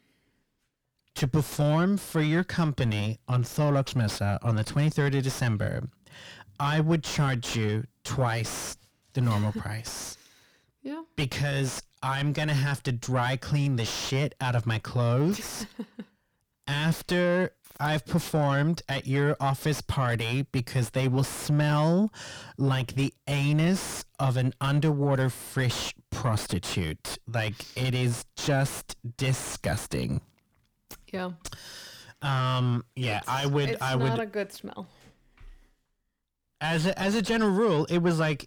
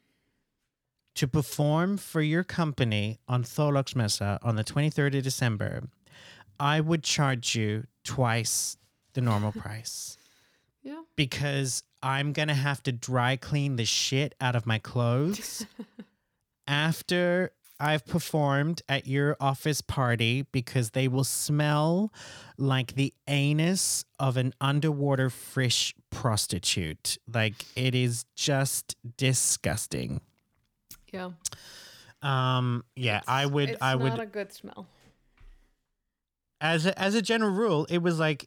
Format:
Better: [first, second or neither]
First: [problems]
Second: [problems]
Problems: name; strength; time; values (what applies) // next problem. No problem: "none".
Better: second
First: distortion; heavy; 6 dB below the speech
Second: none